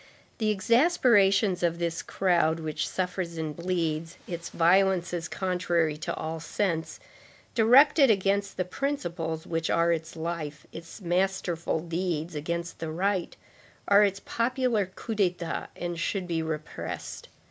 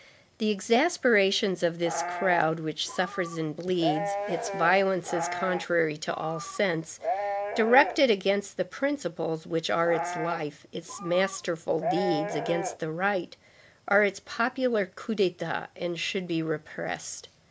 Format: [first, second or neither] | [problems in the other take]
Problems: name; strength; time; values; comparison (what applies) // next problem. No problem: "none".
first | background sound (Livestock, farm animals, working animals); 6 dB below the speech